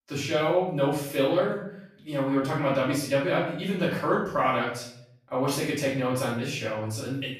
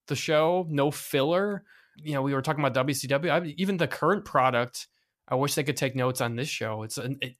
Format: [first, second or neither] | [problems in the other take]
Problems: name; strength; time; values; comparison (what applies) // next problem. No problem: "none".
second | off-mic speech; far // room echo; noticeable; dies away in 0.6 s